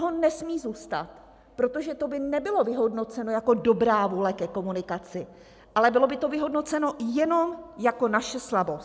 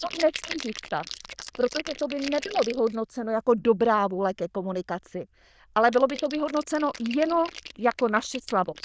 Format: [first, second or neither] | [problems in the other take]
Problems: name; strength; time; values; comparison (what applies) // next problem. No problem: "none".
first | noise reduction (neural diffusion model UNIVERSE++)